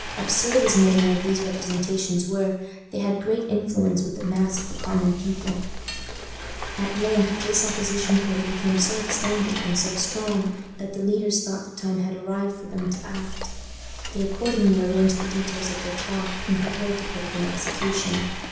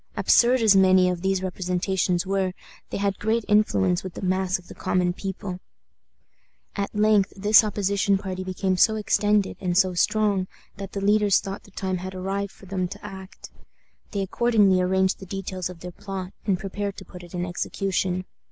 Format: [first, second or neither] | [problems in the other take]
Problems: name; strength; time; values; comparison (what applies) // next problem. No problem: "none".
second | background sound (Frying (food)); 8 dB below the speech // room echo; dies away in 0.9 s